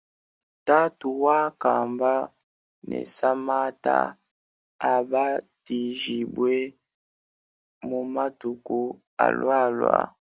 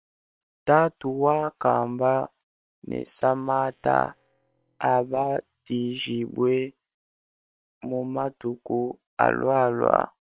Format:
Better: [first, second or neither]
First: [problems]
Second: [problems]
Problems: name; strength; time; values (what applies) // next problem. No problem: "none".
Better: first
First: none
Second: noise reduction (neural separator model SepFormer WHAM!)